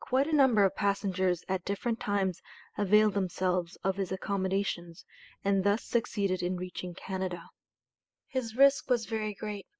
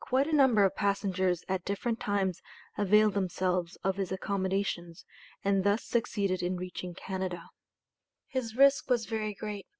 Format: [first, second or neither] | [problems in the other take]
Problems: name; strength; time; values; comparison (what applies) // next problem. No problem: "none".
second | noise reduction (neural mask model Resemble Enhance denoiser)